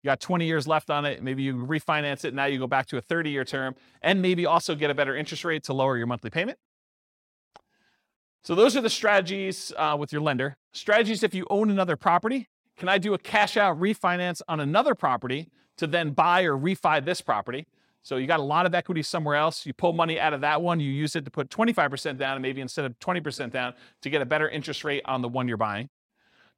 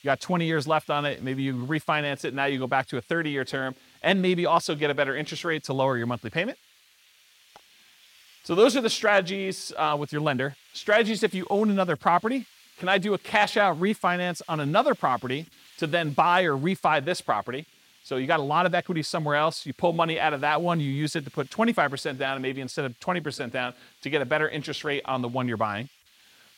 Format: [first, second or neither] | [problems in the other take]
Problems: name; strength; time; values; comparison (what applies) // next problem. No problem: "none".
first | hiss; faint; throughout; 30 dB below the speech